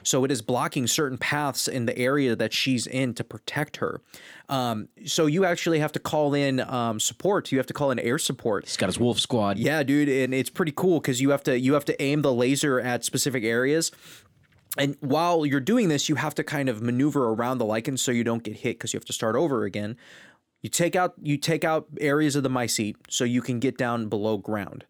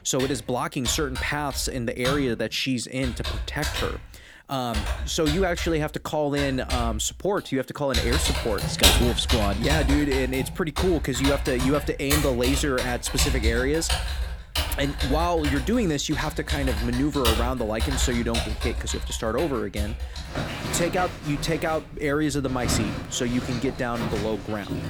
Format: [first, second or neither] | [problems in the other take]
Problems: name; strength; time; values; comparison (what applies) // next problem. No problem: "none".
first | household noises; loud; throughout; 3 dB below the speech